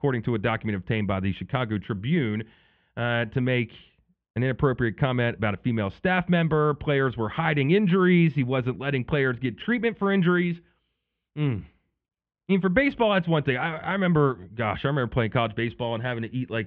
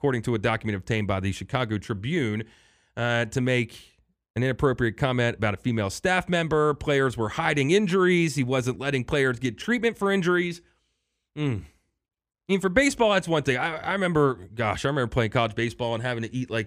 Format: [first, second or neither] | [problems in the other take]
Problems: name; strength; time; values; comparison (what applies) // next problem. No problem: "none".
second | muffled; very; fading above 3 kHz